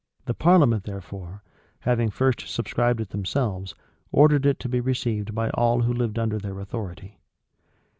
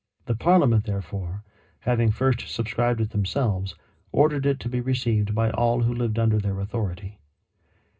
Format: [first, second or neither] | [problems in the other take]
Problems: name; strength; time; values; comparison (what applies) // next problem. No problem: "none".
first | room echo; dies away in 0.2 s